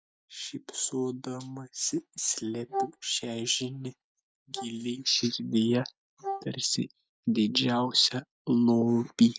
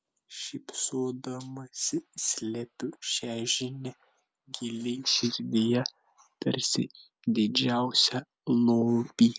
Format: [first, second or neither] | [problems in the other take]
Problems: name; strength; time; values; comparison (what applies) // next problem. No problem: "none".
second | noise reduction (neural mask model DeepFilterNet 3)